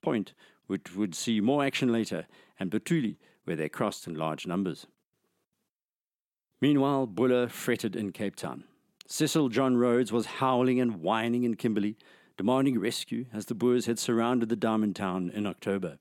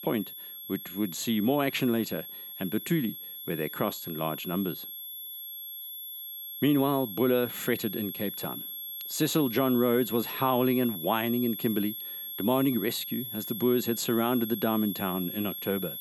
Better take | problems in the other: first | high-pitched whine; loud; throughout; 11.5 kHz, 7 dB below the speech

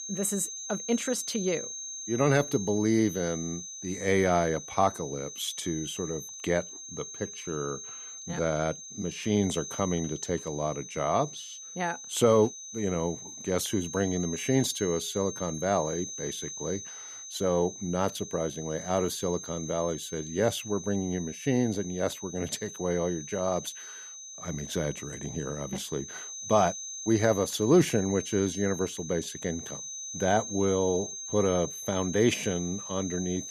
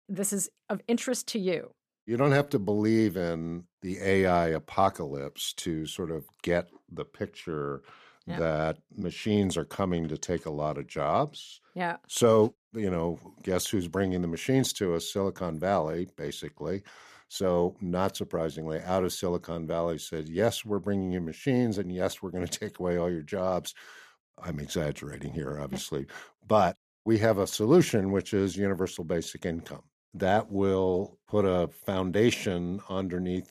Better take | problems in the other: second | high-pitched whine; loud; throughout; 6.5 kHz, 9 dB below the speech

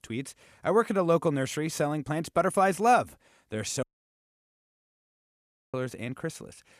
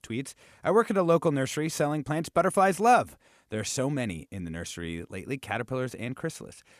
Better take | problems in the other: second | audio cutting out; at 4 s for 2 s

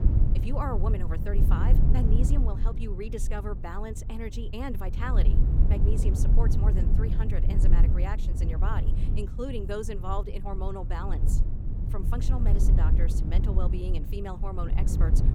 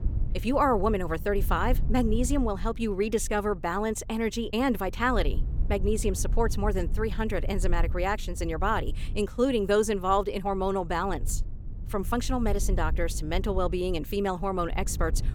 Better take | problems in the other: second | low rumble; loud; throughout; 4 dB below the speech; faint in the second

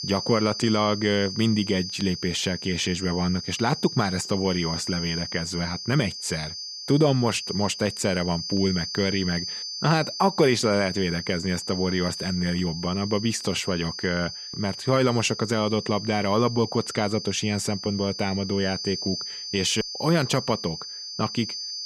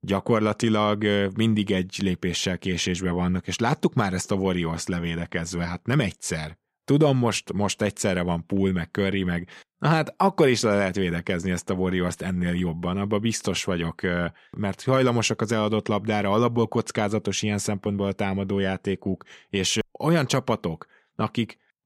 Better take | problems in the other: second | high-pitched whine; loud; throughout; 4.5 kHz, 7 dB below the speech

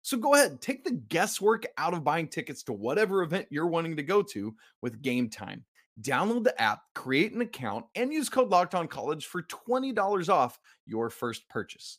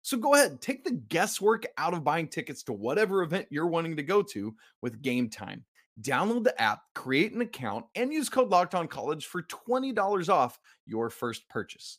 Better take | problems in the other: neither | none

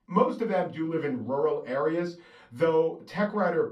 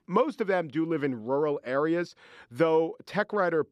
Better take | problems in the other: second | off-mic speech; far // room echo; very slight; dies away in 0.2 s

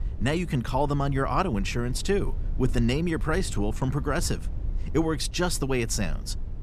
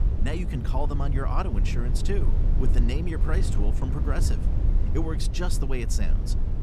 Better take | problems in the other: first | low rumble; loud; throughout; 7 dB below the speech; faint in the first

